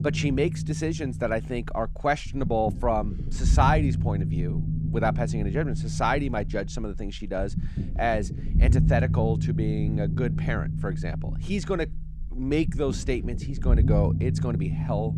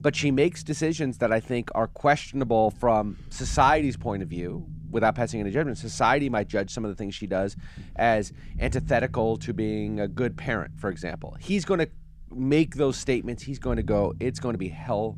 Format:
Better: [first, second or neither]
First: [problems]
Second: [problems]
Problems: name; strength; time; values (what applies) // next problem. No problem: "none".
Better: second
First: low rumble; loud; throughout; 10 dB below the speech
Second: low rumble; faint; throughout; 25 dB below the speech